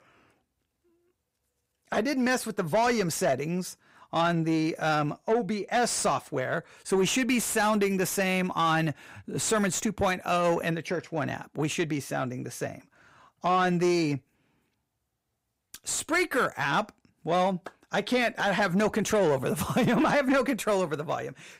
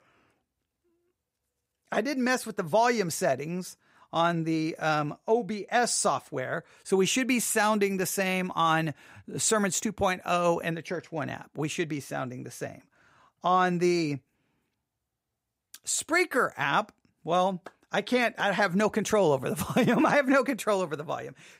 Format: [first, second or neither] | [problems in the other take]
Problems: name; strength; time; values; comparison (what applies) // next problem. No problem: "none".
second | distortion; slight; 10 dB below the speech